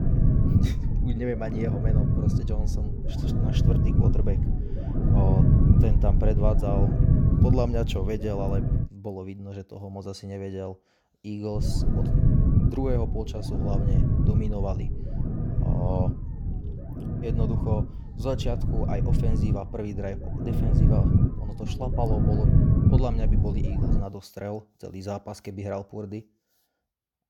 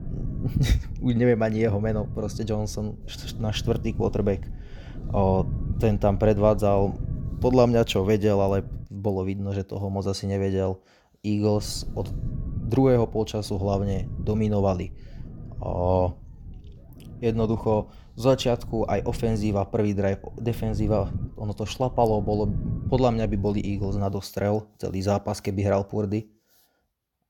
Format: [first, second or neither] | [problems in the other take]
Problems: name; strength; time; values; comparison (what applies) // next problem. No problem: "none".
second | low rumble; loud; until 9 s and from 12 to 24 s; 1 dB below the speech; faint in the second